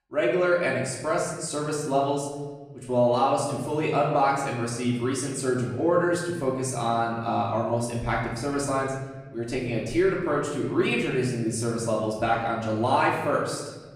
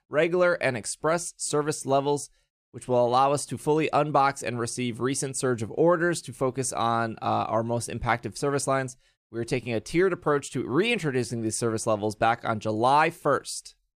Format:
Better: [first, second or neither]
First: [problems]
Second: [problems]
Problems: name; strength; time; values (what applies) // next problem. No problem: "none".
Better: second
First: off-mic speech; far // room echo; noticeable; dies away in 1.2 s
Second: none